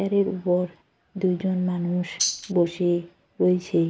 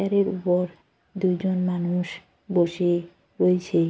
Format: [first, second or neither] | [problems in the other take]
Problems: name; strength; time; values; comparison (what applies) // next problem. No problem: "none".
second | background sound (Tambourine); 2 dB below the speech